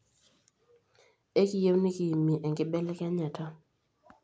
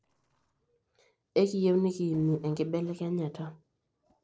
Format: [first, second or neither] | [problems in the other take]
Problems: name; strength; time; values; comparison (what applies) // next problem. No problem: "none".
first | noise reduction (neural separator model SepFormer DNS4)